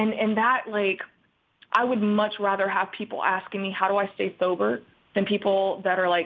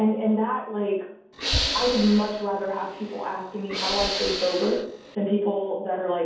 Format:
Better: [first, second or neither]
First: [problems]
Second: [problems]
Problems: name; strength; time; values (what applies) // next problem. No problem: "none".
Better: first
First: none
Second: background sound (Hiss / Breathing); 5 dB below the speech // room echo; dies away in 0.7 s